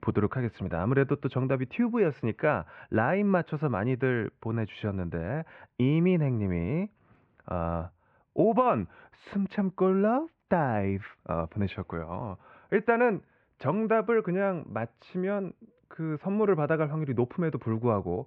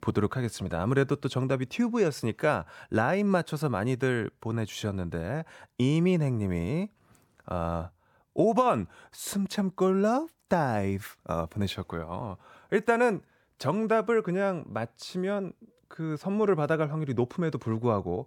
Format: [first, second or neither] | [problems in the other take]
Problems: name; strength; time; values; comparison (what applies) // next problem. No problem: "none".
second | muffled; very; fading above 2.5 kHz